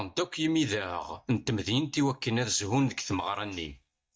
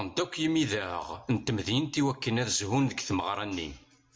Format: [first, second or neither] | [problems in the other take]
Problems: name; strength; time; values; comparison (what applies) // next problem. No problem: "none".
second | noise reduction (neural mask model DeepFilterNet 3)